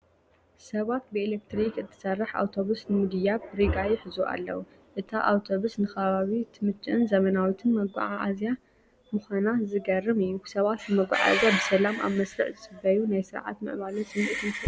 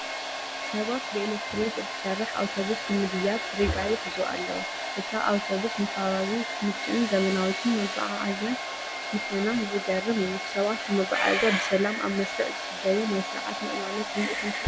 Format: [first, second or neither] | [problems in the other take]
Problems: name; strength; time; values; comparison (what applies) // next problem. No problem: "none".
first | background sound (Domestic sounds, home sounds); 5 dB below the speech